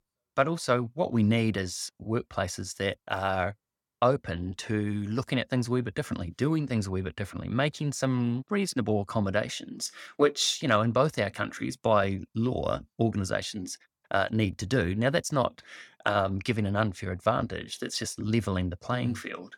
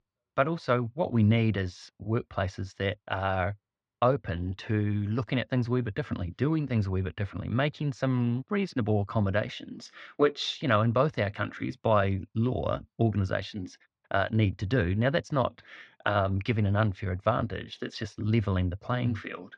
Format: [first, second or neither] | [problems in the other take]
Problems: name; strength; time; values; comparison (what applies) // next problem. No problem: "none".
first | muffled; slightly; fading above 3.5 kHz